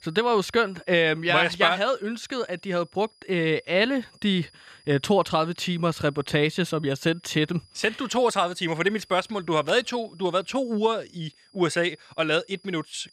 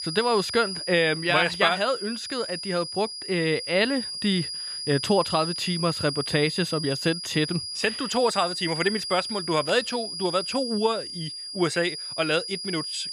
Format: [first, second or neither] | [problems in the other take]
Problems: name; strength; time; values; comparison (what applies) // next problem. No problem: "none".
first | high-pitched whine; loud; throughout; 5 kHz, 6 dB below the speech; faint in the first